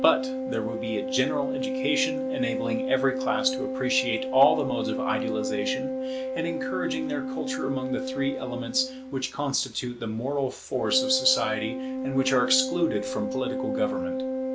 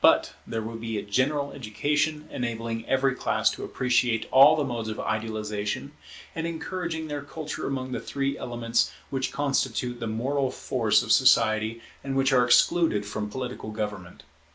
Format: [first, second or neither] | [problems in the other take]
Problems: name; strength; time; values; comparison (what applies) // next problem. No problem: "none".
second | background sound (Organ); 2 dB below the speech